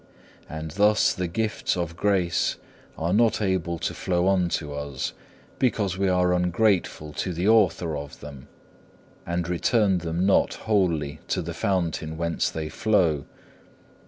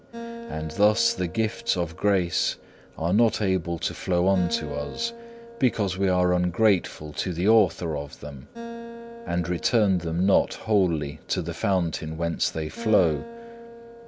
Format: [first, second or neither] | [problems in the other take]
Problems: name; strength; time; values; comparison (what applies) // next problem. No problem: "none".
first | background sound (Acoustic guitar); 16 dB below the speech